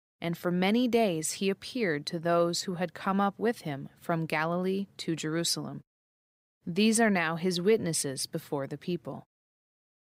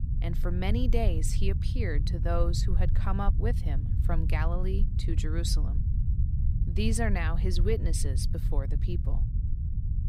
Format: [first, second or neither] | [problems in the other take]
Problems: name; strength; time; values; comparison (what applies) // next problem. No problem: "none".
first | low rumble; loud; throughout; 9 dB below the speech